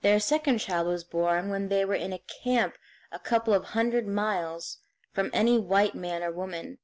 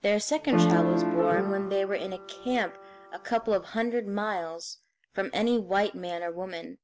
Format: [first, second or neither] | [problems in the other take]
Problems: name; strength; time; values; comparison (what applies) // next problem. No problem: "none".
first | background sound (Piano); as loud as the speech